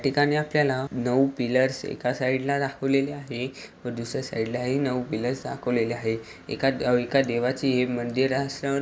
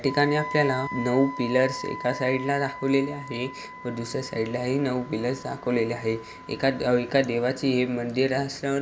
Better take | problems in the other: first | background sound (Wind instrument, woodwind instrument); 14 dB below the speech

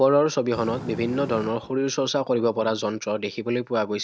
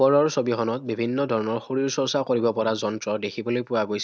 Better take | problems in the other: second | background sound (Fire); 17 dB below the speech

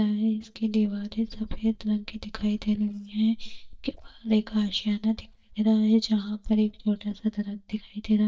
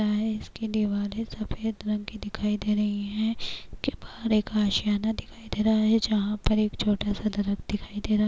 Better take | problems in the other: second | noise reduction (neural mask model DeepFilterNet 3)

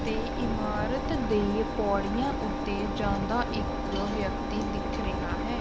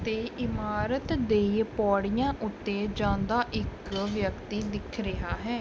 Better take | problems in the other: second | background sound (Engine); as loud as the speech

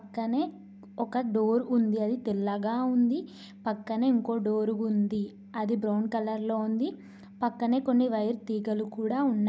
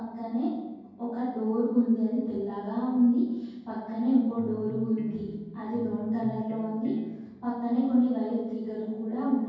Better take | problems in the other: first | background sound (Electric guitar); 15 dB below the speech // room echo; dies away in 1.3 s

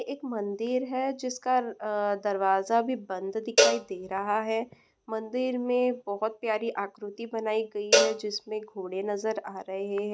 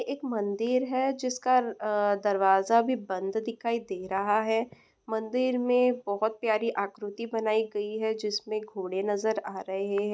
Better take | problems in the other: second | background sound (Cowbell); as loud as the speech

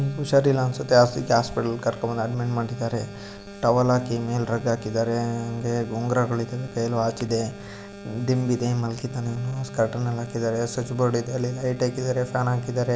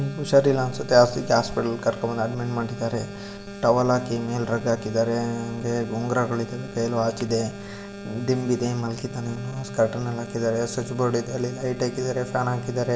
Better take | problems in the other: first | room echo; dies away in 1.7 s

